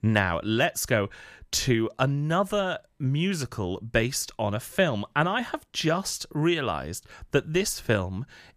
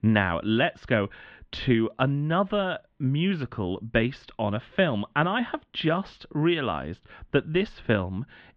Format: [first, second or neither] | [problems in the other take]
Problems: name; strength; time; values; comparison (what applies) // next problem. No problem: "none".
first | muffled; very; fading above 3.5 kHz